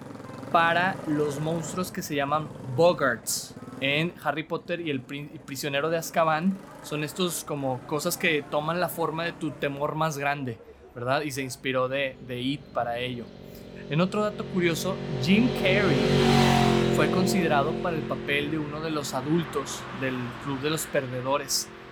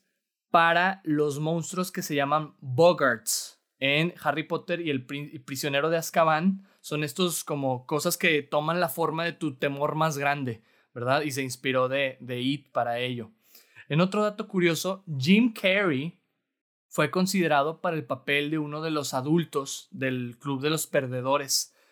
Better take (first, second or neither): second